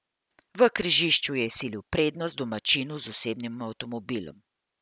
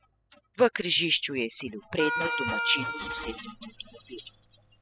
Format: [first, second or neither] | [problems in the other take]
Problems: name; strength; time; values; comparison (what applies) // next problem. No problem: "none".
first | noise reduction (classical method spectral subtraction)